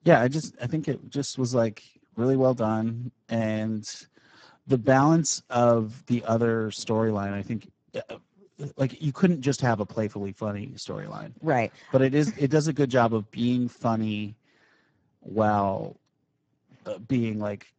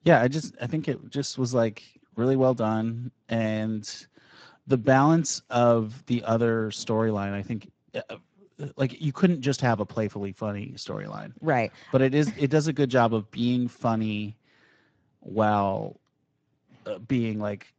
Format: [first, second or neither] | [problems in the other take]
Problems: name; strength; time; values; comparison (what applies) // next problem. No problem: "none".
second | garbled, watery; badly; nothing above 7.5 kHz; slightly in the second